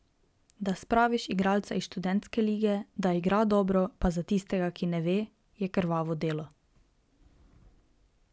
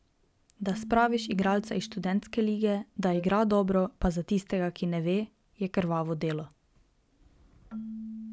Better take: first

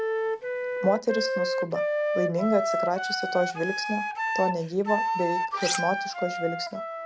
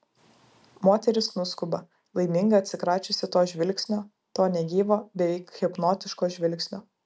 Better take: second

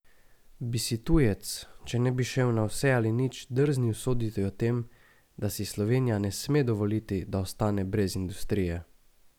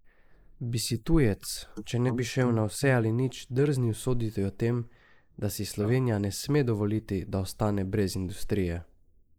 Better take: first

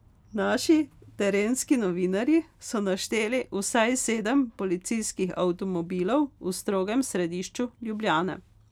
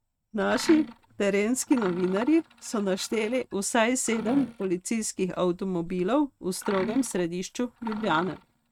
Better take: first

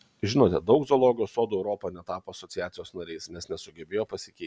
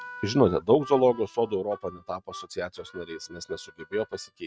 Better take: first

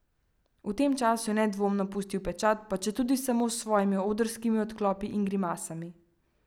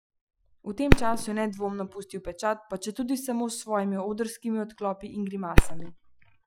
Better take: first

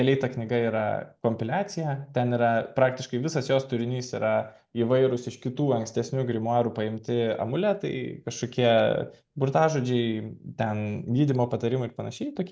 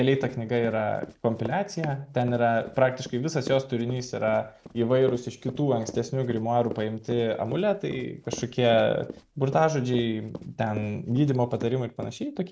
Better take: first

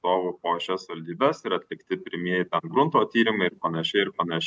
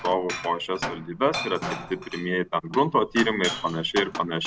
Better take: first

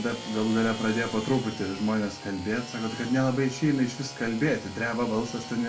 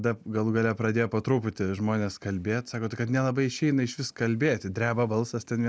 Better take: second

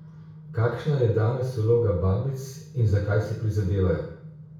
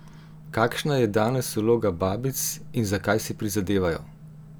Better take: second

